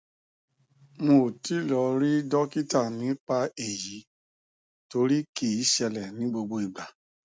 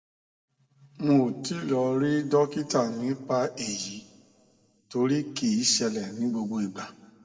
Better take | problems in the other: first | room echo; dies away in 1.2 s

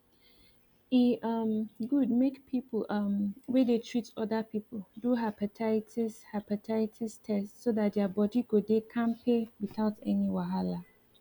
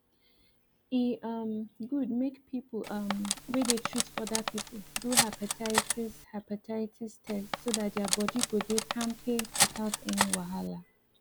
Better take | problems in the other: first | background sound (Cutlery, silverware); 1 dB above the speech

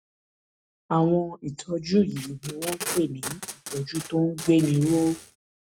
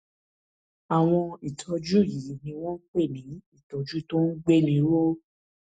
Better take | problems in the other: second | background sound (Packing tape, duct tape); 11 dB below the speech

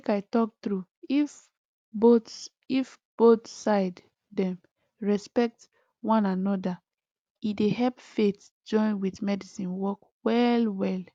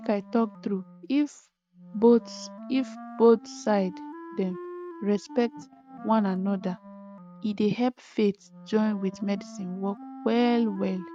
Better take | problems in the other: first | noise reduction (neural mask model RNNoise)

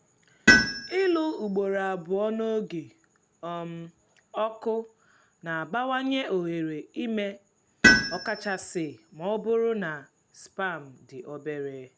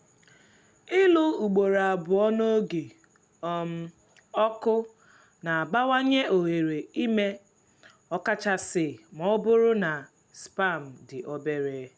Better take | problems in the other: second | background sound (Tools); 3 dB above the speech

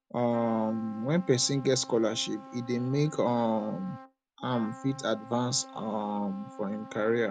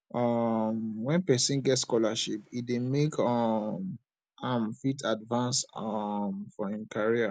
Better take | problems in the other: second | background sound (Trumpet); 17 dB below the speech

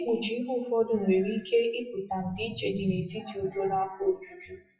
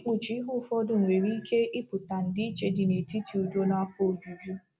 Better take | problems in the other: second | noise reduction (classical method WPE with log-MMSE)

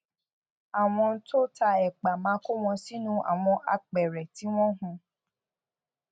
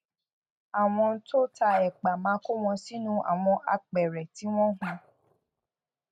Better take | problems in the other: first | background sound (Bark); 16 dB below the speech

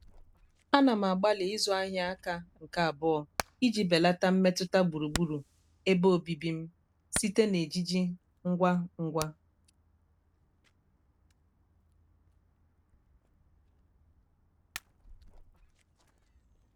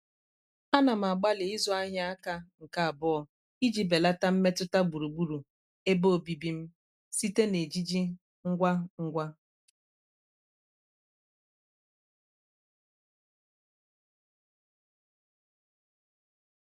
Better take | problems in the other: second | background sound (Hammer); 17 dB below the speech

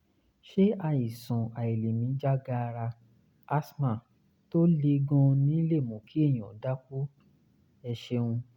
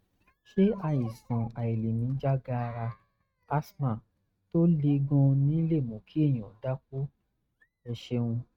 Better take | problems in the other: first | noise reduction (neural mask model RNNoise)

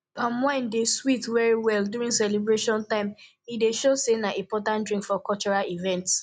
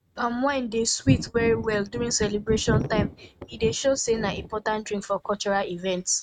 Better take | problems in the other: first | noise reduction (neural mask model RNNoise)

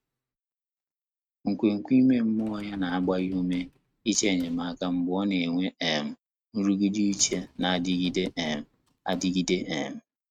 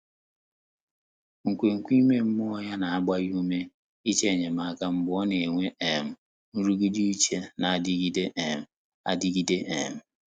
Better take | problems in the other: second | noise reduction (neural mask model RNNoise)

